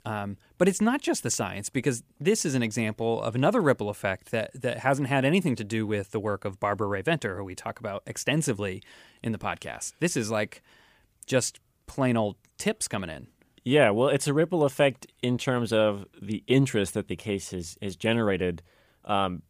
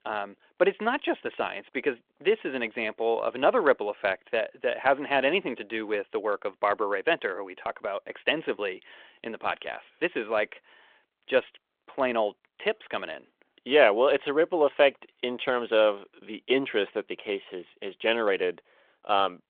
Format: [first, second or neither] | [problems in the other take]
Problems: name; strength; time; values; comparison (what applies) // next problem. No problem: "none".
first | phone-call audio